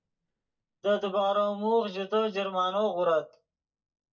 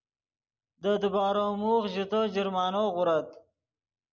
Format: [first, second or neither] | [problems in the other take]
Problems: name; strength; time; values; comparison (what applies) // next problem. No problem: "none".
second | noise reduction (neural mask model DeepFilterNet 3)